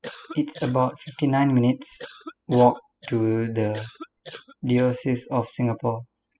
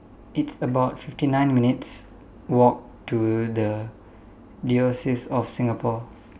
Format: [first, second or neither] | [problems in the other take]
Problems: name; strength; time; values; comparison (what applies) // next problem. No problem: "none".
second | noise reduction (classical method spectral subtraction)